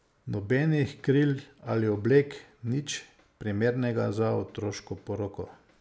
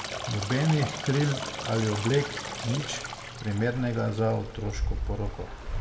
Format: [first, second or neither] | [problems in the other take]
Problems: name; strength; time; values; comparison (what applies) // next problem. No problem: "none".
first | background sound (Stream); 6 dB below the speech // room echo; dies away in 1 s